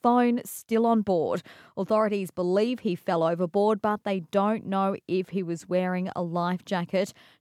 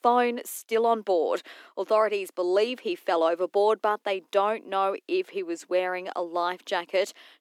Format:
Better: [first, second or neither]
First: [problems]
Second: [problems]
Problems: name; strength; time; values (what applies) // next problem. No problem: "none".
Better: first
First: none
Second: thin; somewhat; fading below 300 Hz